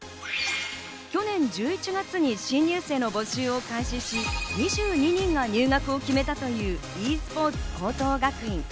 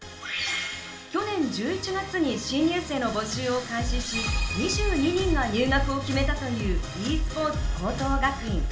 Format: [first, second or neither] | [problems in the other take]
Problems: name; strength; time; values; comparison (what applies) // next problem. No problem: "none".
first | background sound (Bowed string instrument); 18 dB below the speech // room echo; dies away in 0.8 s